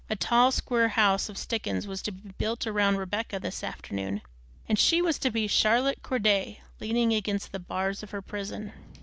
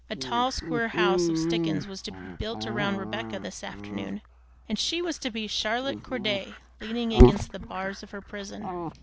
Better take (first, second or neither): first